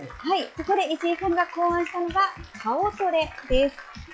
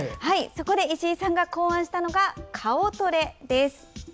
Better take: second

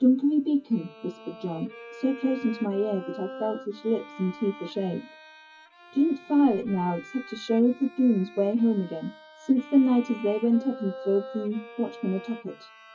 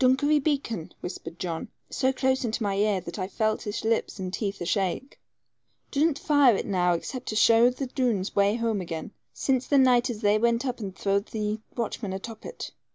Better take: second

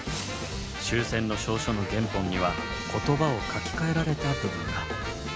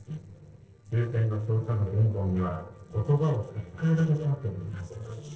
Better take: first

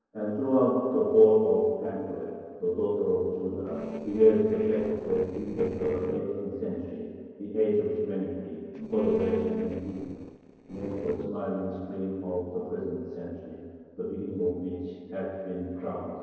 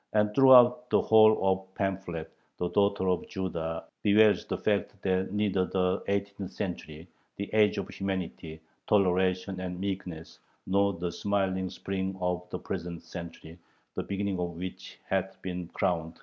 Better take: second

